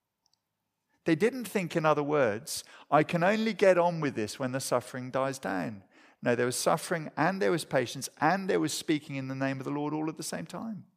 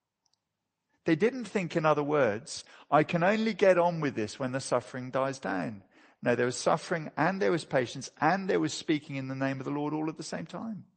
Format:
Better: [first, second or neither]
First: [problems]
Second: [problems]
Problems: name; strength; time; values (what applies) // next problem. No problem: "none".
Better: first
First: none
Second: garbled, watery; slightly; nothing above 8 kHz